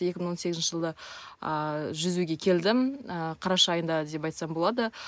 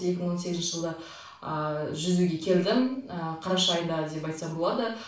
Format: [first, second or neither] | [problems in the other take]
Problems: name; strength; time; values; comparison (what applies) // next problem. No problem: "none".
first | room echo; dies away in 0.4 s